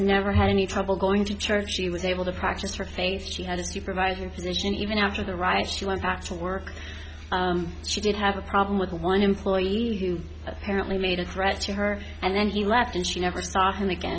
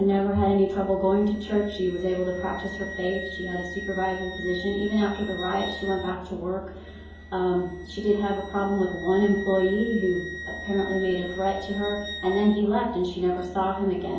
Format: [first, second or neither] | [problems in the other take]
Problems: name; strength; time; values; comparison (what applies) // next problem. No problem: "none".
first | background sound (Wind instrument, woodwind instrument); 14 dB below the speech // room echo; dies away in 2.8 s